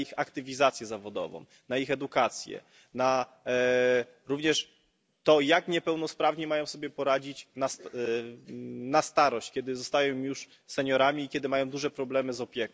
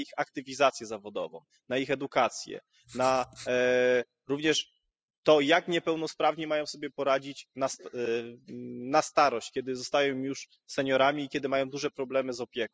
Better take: first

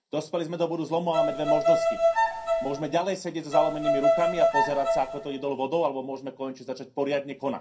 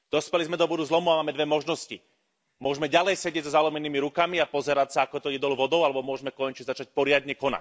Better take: second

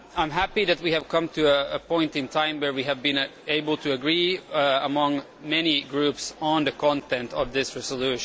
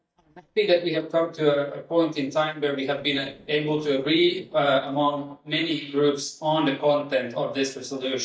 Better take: first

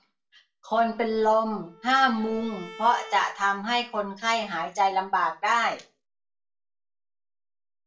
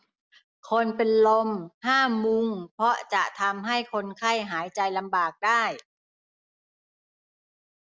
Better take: second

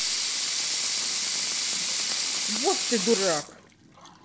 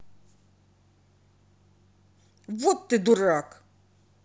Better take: second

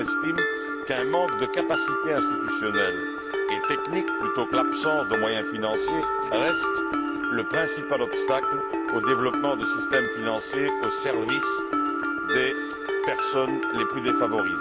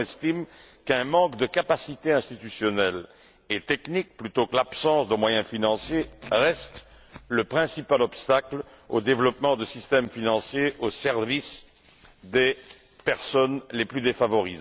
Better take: second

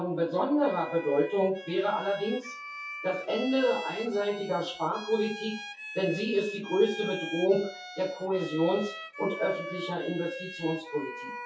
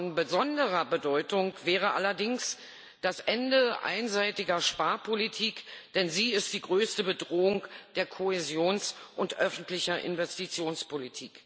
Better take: second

